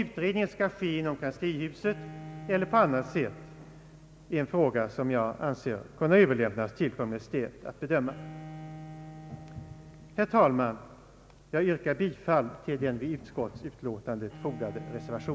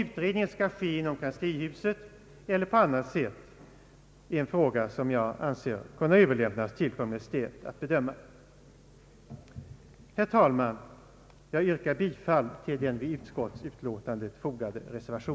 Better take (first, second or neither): second